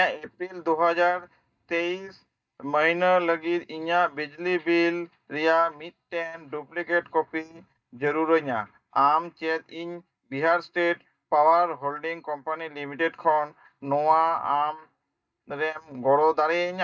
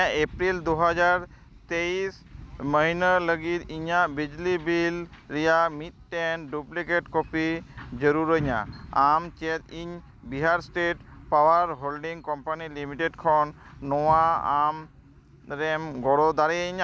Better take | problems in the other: second | noise reduction (neural mask model DeepFilterNet 3)

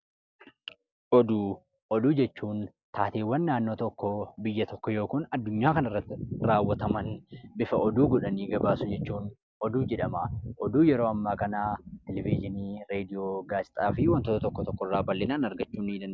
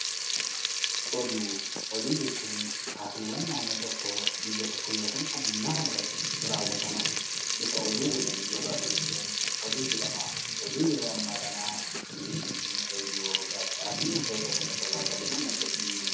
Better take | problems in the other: first | background sound (Frying (food)); 4 dB above the speech // room echo; dies away in 0.6 s

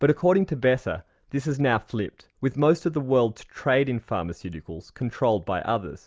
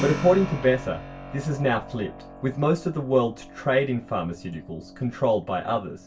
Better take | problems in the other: first | background sound (Keyboard (musical)); 13 dB below the speech // room echo; dies away in 0.2 s

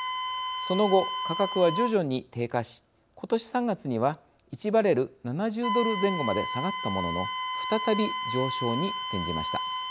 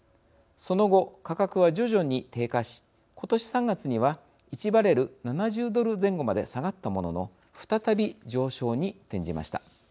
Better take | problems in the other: second | background sound (Wind instrument, woodwind instrument); 5 dB below the speech

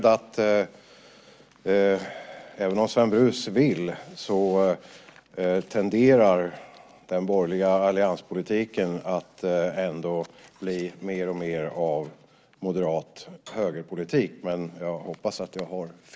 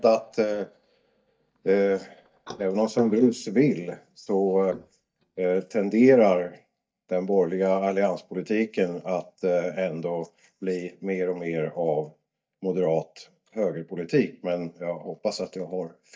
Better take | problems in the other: first | noise reduction (neural mask model DeepFilterNet 3)

